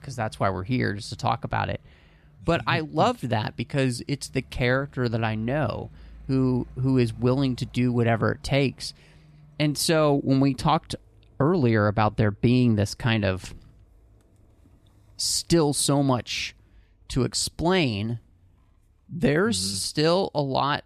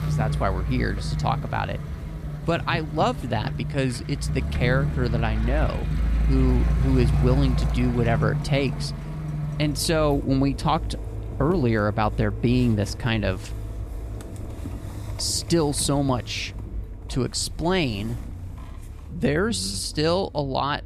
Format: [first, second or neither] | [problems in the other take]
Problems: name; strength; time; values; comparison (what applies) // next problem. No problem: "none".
first | traffic noise; loud; throughout; 5 dB below the speech; faint in the first